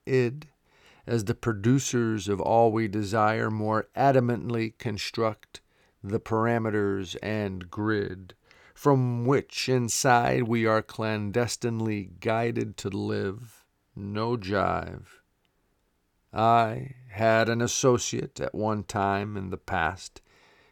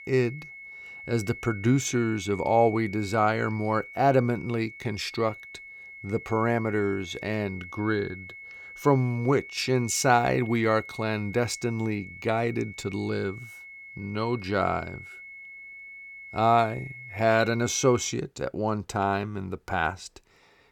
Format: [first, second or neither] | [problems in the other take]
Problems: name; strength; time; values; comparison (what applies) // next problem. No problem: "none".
first | high-pitched whine; noticeable; until 18 s; 2 kHz, 15 dB below the speech